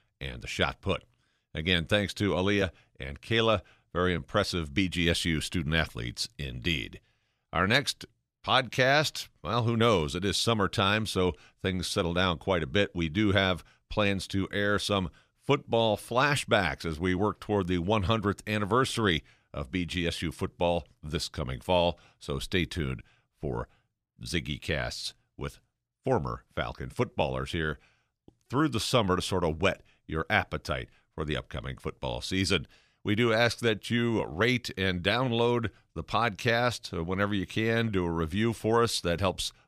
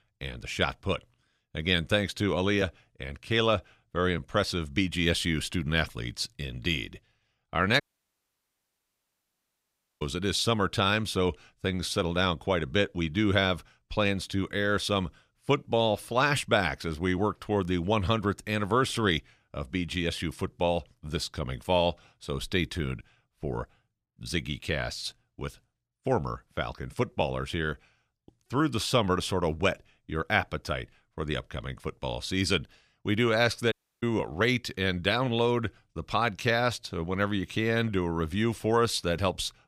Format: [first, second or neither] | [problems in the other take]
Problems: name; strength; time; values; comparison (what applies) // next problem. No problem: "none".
first | audio cutting out; at 8 s for 2 s and at 34 s